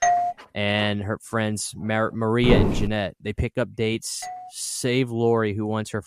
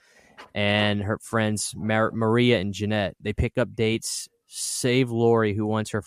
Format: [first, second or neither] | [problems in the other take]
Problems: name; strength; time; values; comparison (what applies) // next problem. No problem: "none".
second | doorbell; loud; at the start; peak 3 dB above the speech // footsteps; loud; at 2.5 s; peak 4 dB above the speech // doorbell; faint; at 4 s; peak 10 dB below the speech